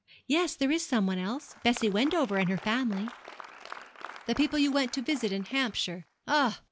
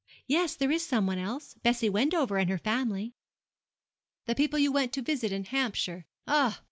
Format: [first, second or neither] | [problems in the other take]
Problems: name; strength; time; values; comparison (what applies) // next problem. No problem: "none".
second | background sound (Applause); 18 dB below the speech